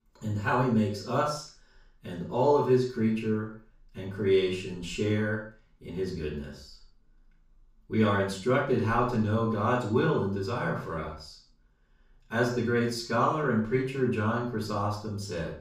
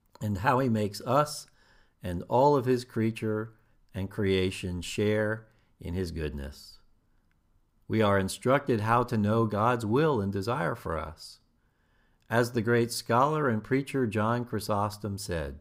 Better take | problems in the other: second | room echo; noticeable; dies away in 0.4 s // off-mic speech; far

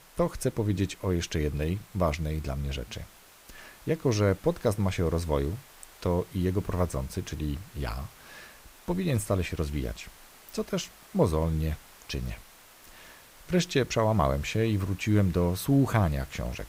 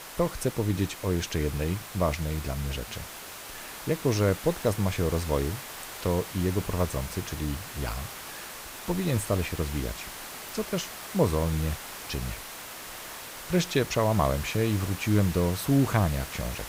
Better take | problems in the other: first | hiss; loud; throughout; 10 dB below the speech; faint in the first

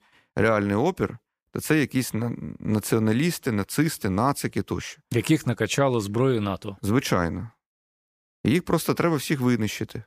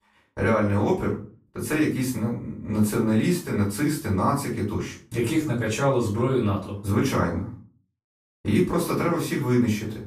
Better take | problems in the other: first | off-mic speech; far // room echo; slight; dies away in 0.3 s

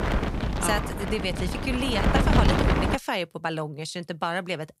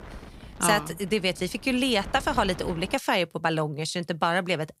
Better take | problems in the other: second | wind noise on the microphone; heavy; until 3 s; as loud as the speech; occasional gusts in the second

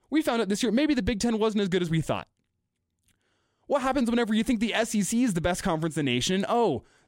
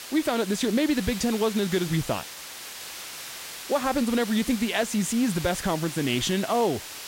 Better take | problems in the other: first | hiss; noticeable; throughout; 10 dB below the speech

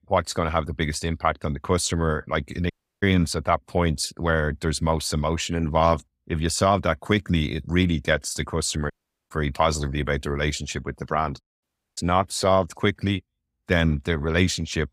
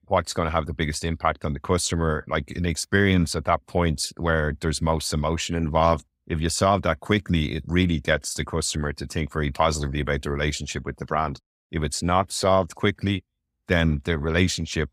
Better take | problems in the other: second | audio cutting out; at 2.5 s, at 9 s and at 12 s

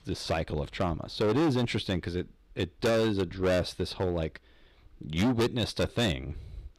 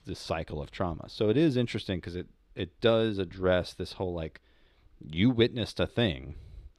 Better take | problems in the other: second | distortion; heavy; 11% of the sound clipped

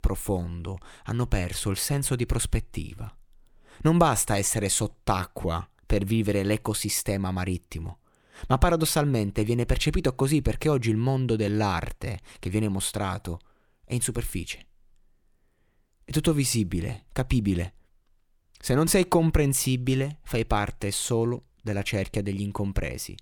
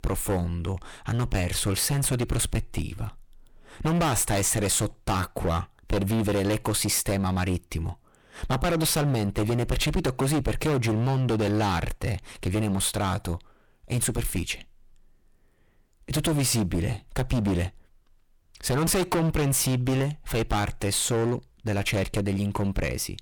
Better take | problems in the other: first | distortion; heavy; 18% of the sound clipped

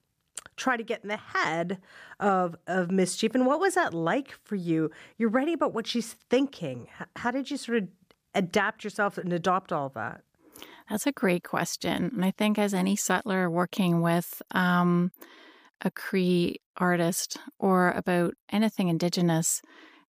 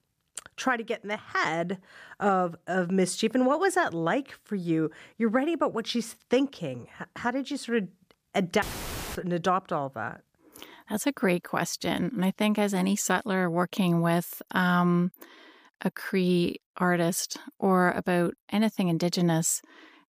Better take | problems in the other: first | audio cutting out; filled with static; at 8.5 s for 0.5 s

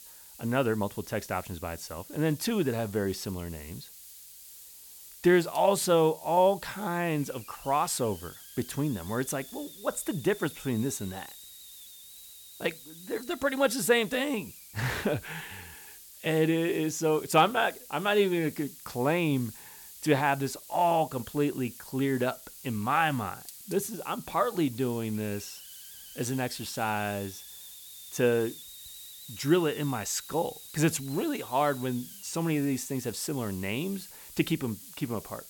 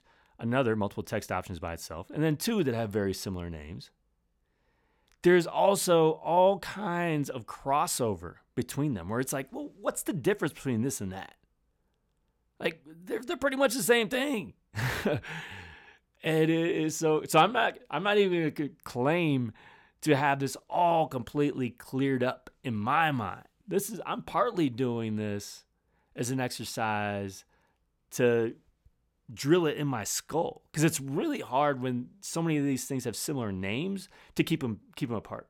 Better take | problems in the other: second | hiss; noticeable; throughout; 15 dB below the speech

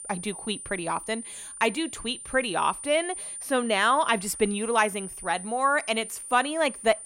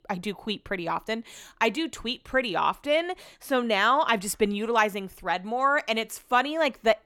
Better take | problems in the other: second | high-pitched whine; noticeable; throughout; 9.5 kHz, 10 dB below the speech

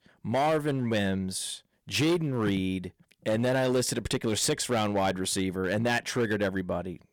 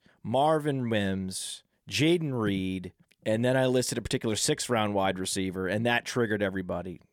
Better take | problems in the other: second | distortion; slight; 8% of the sound clipped

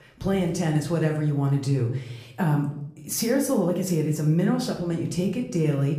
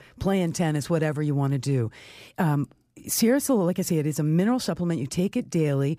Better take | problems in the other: second | room echo; slight; dies away in 0.6 s // off-mic speech; somewhat distant

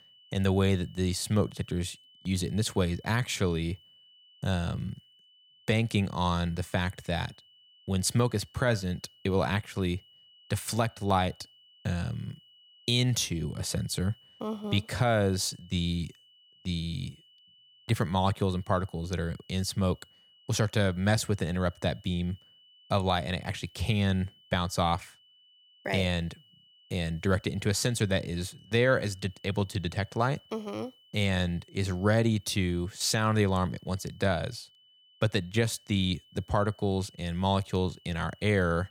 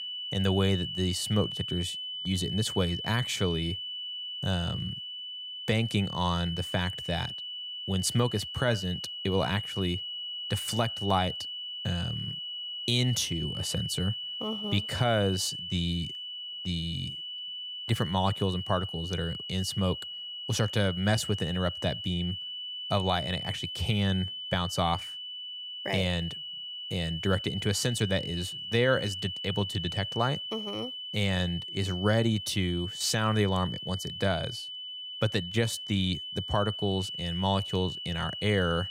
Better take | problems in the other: first | high-pitched whine; loud; throughout; 3 kHz, 5 dB below the speech; faint in the first

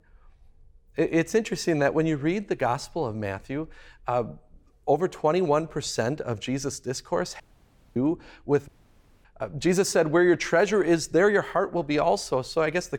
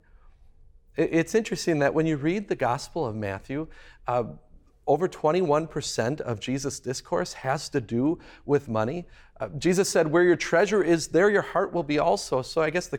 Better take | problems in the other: second | audio cutting out; at 7.5 s for 0.5 s and at 8.5 s for 0.5 s

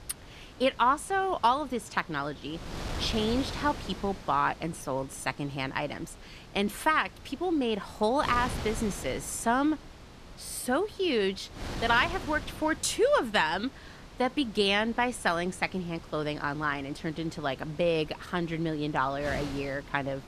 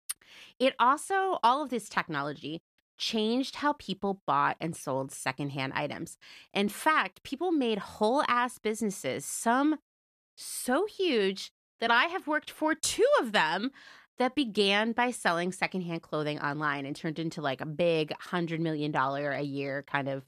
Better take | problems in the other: second | wind noise on the microphone; occasional gusts; 15 dB below the speech

